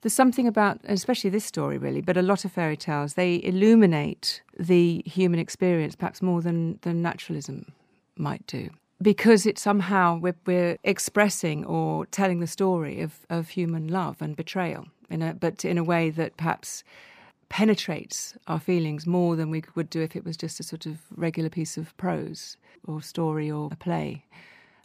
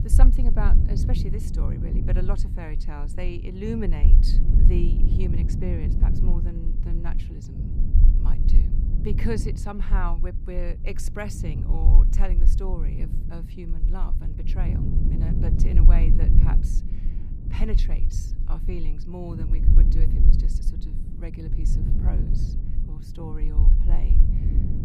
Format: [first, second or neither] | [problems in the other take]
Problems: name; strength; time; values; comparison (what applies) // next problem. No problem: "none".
first | low rumble; loud; throughout; 3 dB below the speech